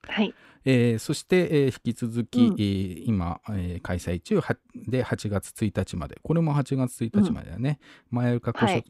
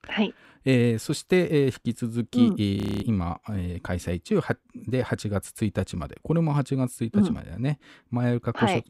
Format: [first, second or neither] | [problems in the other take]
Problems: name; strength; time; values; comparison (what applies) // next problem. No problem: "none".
first | audio freezing; at 3 s